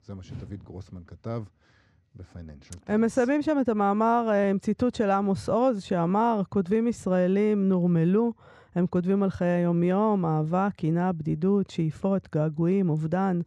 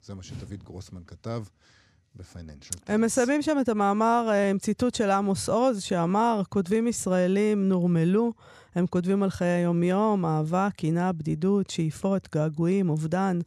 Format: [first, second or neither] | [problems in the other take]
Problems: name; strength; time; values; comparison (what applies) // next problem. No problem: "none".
second | muffled; slightly; fading above 2 kHz